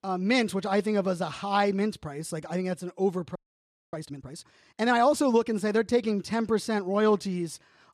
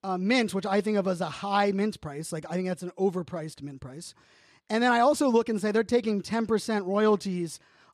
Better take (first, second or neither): second